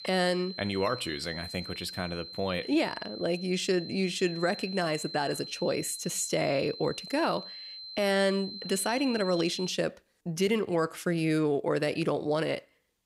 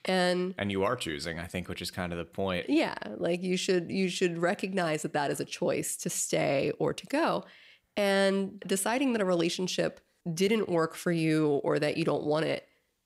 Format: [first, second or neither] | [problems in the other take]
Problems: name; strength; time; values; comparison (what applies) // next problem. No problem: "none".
second | high-pitched whine; noticeable; until 9.5 s; 4 kHz, 10 dB below the speech